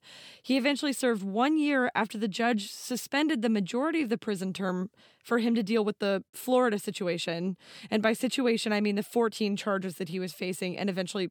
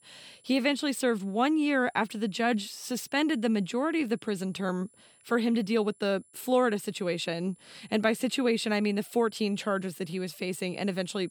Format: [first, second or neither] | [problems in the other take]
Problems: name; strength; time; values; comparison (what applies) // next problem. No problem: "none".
first | high-pitched whine; faint; throughout; 10 kHz, 30 dB below the speech